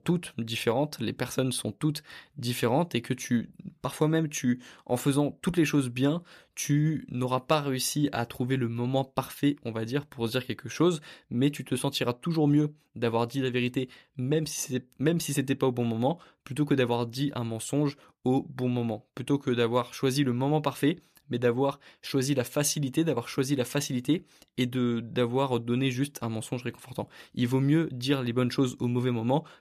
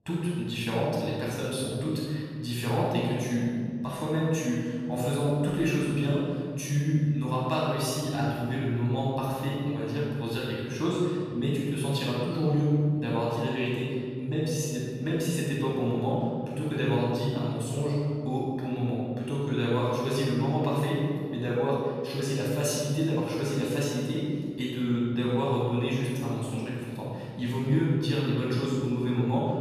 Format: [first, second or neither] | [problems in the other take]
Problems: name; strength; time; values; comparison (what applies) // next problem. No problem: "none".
first | off-mic speech; far // room echo; strong; dies away in 2 s